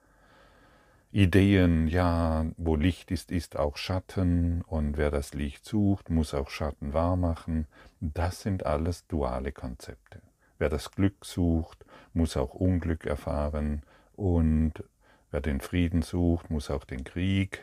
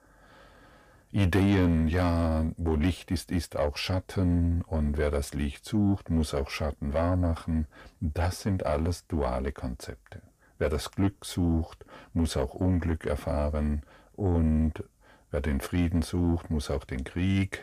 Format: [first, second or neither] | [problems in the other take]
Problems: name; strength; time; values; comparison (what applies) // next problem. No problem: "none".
first | distortion; slight; 10 dB below the speech